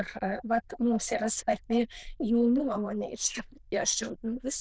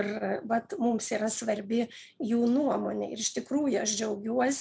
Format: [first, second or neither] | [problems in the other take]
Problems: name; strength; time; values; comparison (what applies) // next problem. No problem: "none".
second | noise reduction (neural diffusion model UNIVERSE++)